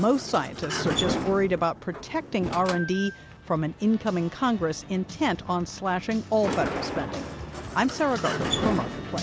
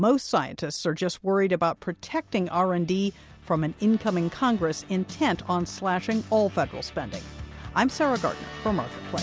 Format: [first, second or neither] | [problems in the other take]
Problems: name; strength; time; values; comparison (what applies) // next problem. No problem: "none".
second | background sound (Sliding door); 7 dB below the speech